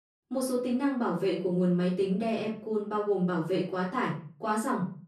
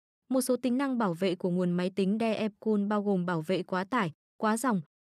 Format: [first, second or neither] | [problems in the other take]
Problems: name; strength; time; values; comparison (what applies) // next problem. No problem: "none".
second | room echo; slight; dies away in 0.4 s // off-mic speech; far